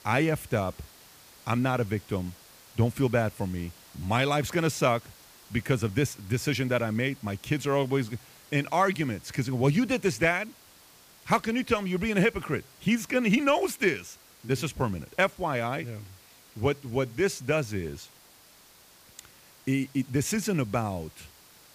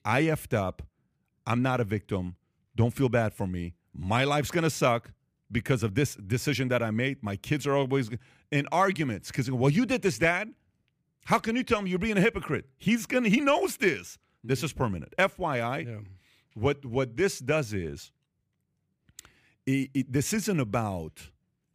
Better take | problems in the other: second | hiss; faint; throughout; 25 dB below the speech

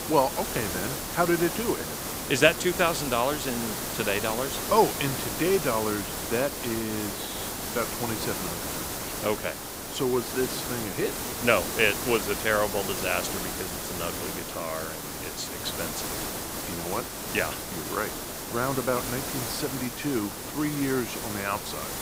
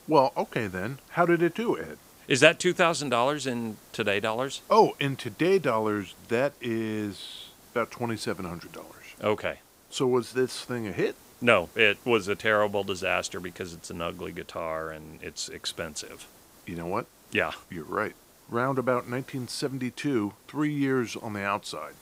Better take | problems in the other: second | hiss; loud; throughout; 3 dB below the speech; faint in the second

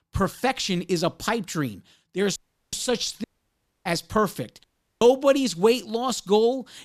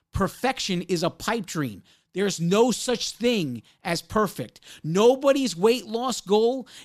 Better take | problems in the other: second | audio cutting out; at 2.5 s, at 3 s for 0.5 s and at 4.5 s

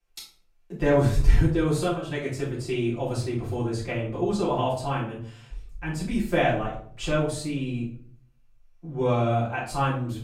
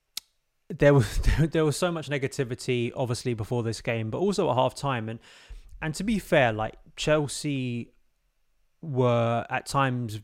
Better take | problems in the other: second | room echo; noticeable; dies away in 0.4 s // off-mic speech; far

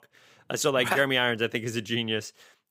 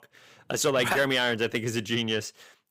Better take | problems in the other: first | distortion; slight; 10 dB below the speech

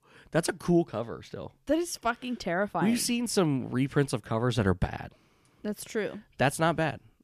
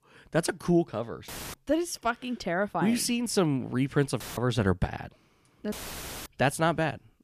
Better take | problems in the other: first | audio cutting out; filled with static; at 1.5 s, at 4 s and at 5.5 s for 0.5 s

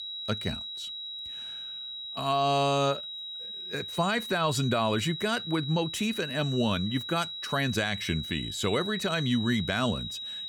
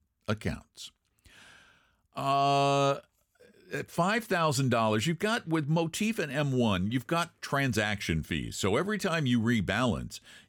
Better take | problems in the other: second | high-pitched whine; loud; throughout; 4 kHz, 7 dB below the speech

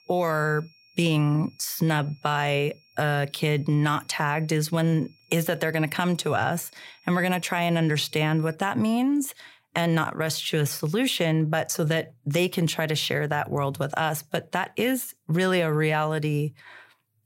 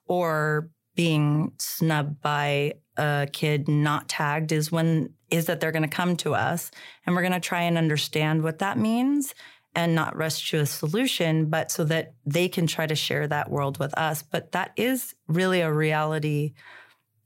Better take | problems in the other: second | high-pitched whine; faint; until 8.5 s; 2.5 kHz, 30 dB below the speech

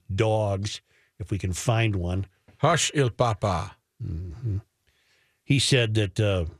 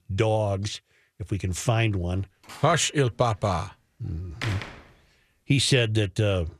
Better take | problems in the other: first | door banging; noticeable; from 2.5 to 5 s; peak 8 dB below the speech

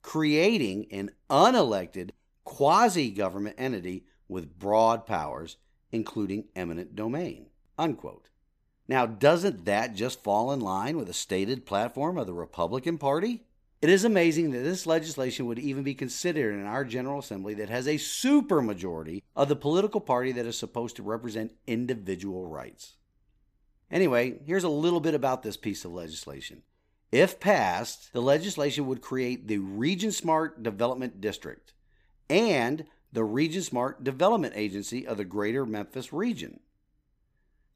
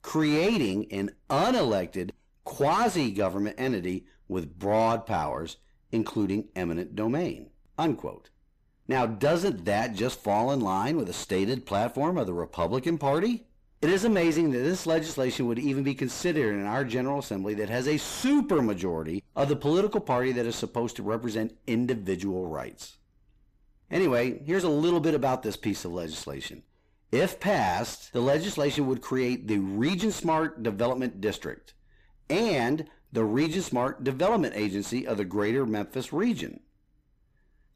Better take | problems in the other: first | distortion; heavy; 7 dB below the speech

